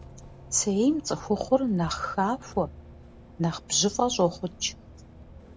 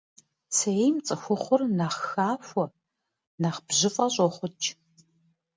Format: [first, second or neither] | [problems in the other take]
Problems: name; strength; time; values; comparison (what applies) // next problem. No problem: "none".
second | background sound (Bus); 18 dB below the speech